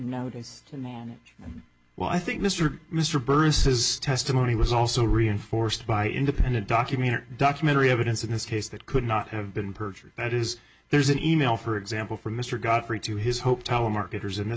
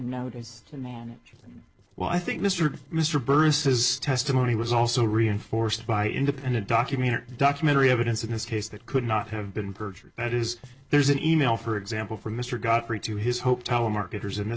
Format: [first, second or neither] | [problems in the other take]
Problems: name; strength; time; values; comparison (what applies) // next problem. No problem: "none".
first | noise reduction (neural separator model SepFormer DNS4)